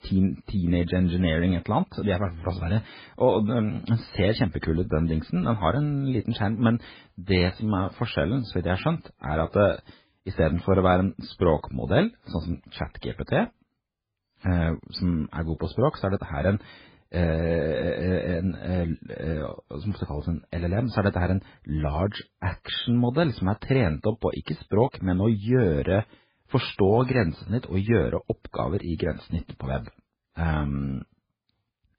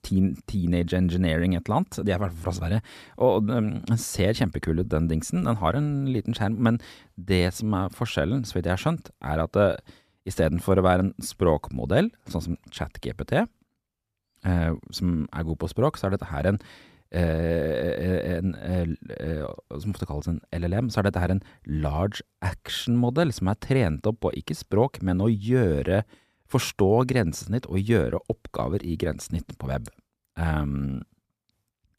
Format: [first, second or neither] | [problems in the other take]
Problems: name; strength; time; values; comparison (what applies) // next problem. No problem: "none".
second | garbled, watery; badly; nothing above 5 kHz